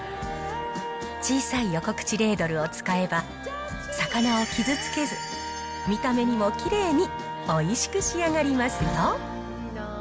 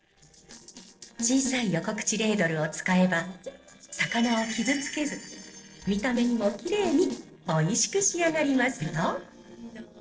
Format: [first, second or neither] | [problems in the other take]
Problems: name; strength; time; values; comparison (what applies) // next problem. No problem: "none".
first | noise reduction (neural separator model SepFormer DNS4)